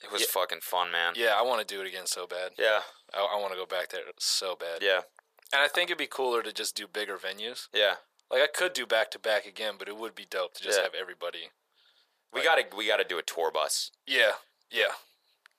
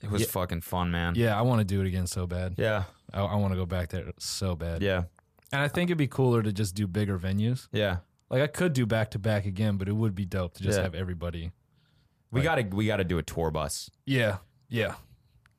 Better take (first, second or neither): second